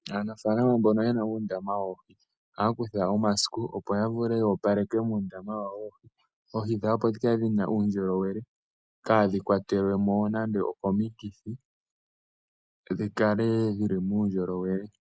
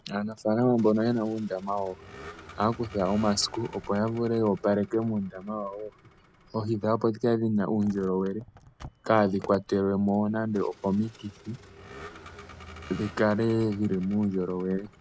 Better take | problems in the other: first | background sound (Vehicle); 20 dB below the speech

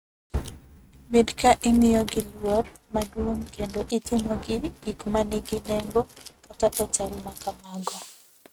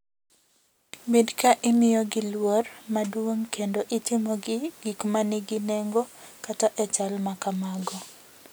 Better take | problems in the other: second | noise reduction (neural mask model RNNoise)

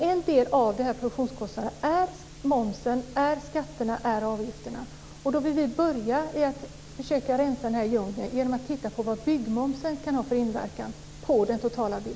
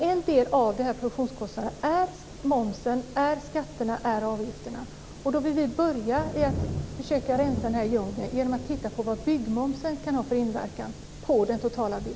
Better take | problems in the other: first | background sound (Thunder); 13 dB below the speech

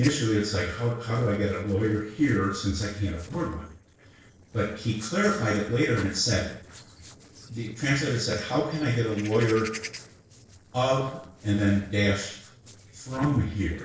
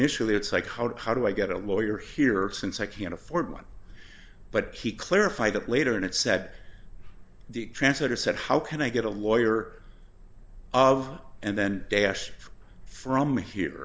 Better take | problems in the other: second | noise reduction (neural separator model SepFormer DNS4)

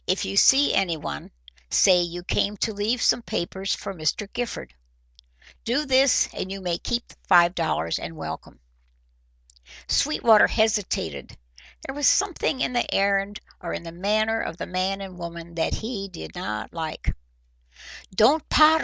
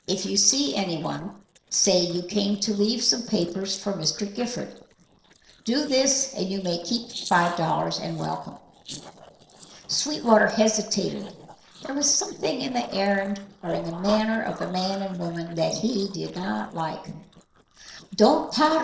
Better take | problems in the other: first | noise reduction (neural separator model SepFormer DNS4)

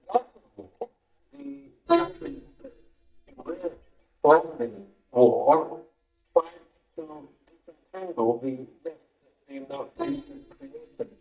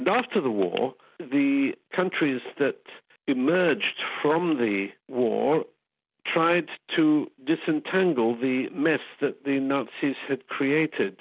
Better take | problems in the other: second | noise reduction (neural mask model DeepFilterNet 3)

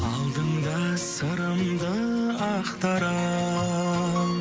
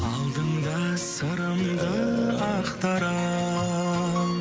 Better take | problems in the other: first | background sound (Burping, eructation); 10 dB below the speech

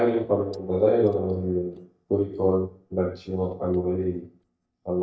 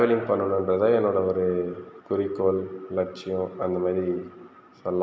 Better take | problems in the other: second | noise reduction (neural mask model DeepFilterNet 3)

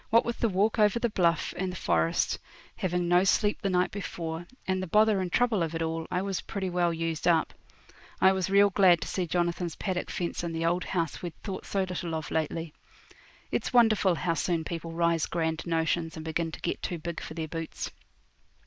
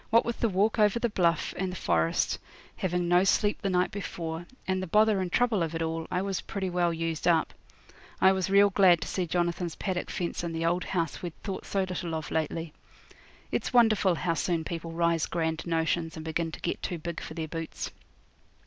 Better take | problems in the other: second | noise reduction (neural mask model Resemble Enhance denoiser)

